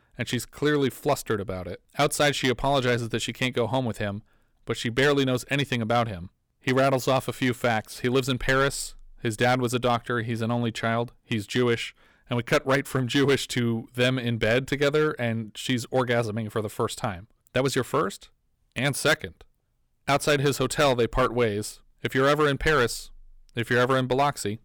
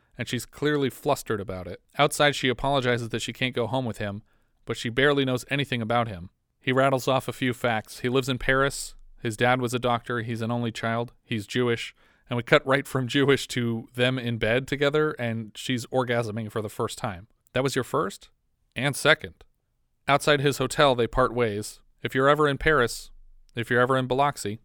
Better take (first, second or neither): second